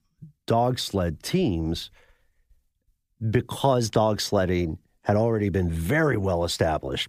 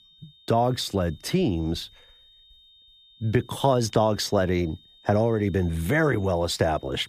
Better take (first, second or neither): first